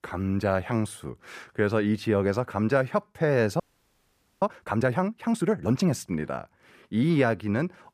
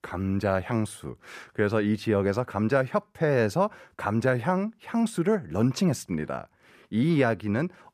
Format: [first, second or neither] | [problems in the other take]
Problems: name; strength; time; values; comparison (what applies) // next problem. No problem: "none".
second | audio freezing; at 3.5 s for 1 s